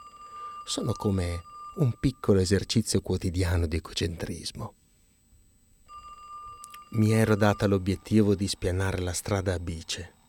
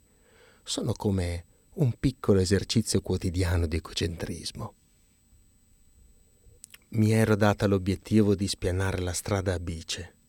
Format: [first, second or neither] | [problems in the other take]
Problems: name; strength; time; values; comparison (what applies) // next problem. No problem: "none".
second | alarms or sirens; noticeable; throughout; 20 dB below the speech